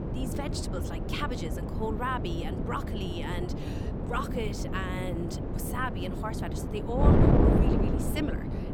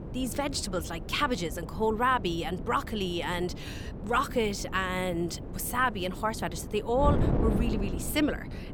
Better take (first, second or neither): second